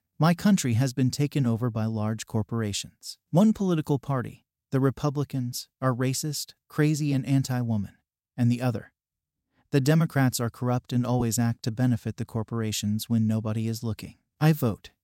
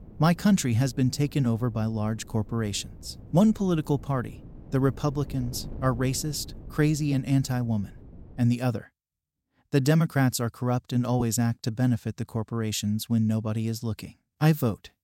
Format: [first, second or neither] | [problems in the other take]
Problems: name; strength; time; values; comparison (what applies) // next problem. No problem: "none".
first | wind noise on the microphone; occasional gusts; until 8.5 s; 20 dB below the speech